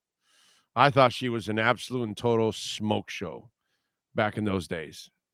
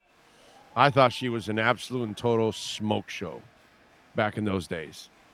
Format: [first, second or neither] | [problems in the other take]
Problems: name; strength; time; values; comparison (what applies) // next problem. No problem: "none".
first | crowd noise; faint; throughout; 30 dB below the speech